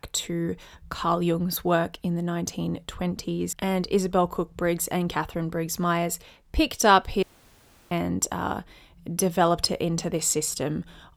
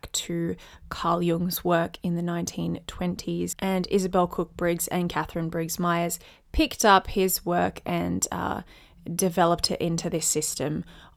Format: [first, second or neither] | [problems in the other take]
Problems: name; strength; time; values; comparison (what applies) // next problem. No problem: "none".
second | audio cutting out; at 7 s for 0.5 s